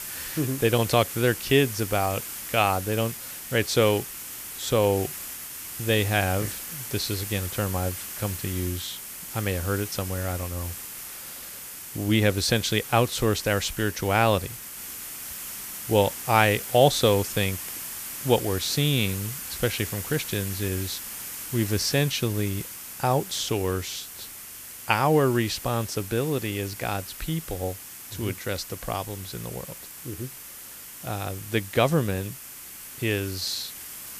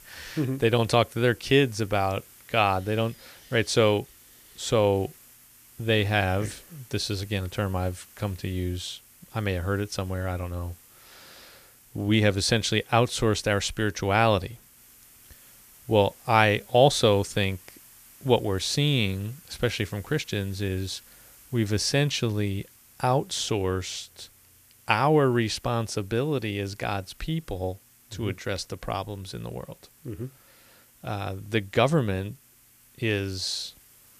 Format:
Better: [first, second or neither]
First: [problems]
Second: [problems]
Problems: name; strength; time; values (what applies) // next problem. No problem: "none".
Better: second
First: hiss; loud; throughout; 9 dB below the speech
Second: hiss; faint; throughout; 25 dB below the speech